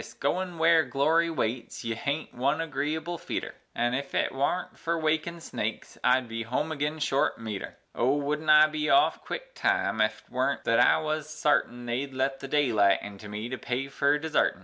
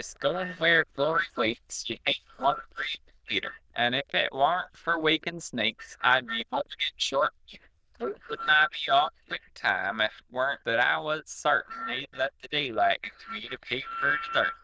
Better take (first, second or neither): first